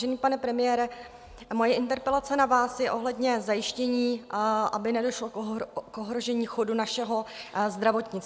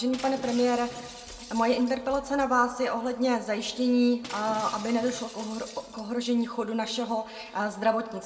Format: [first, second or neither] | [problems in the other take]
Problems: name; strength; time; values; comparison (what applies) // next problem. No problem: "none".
first | background sound (Shatter); 18 dB below the speech // room echo; dies away in 1.1 s